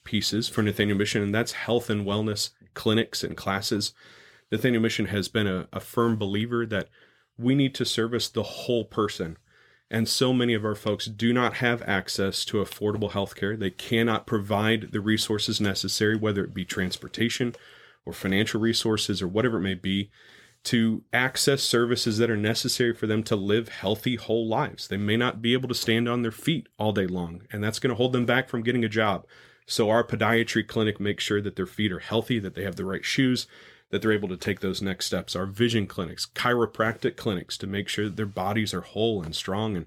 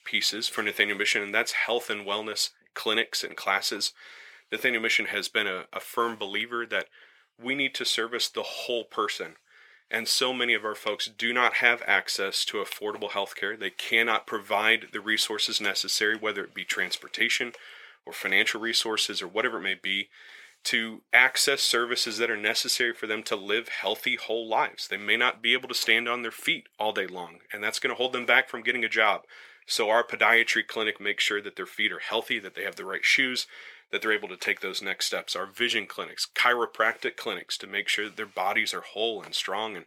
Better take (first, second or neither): first